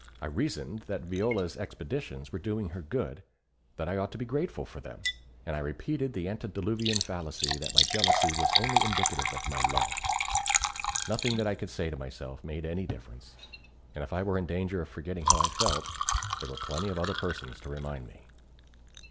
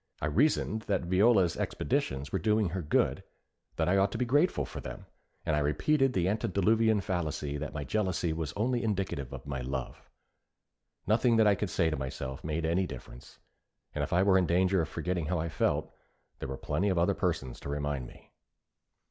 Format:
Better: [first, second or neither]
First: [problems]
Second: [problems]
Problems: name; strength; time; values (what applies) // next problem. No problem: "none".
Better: second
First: background sound (Liquid); 1 dB above the speech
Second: none